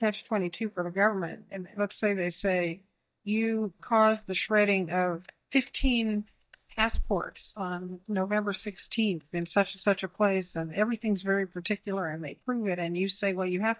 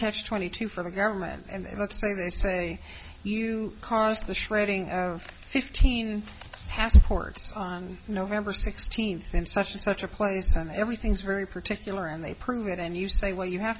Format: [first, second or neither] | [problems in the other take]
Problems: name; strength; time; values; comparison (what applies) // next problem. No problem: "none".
second | noise reduction (neural mask model DeepFilterNet 3)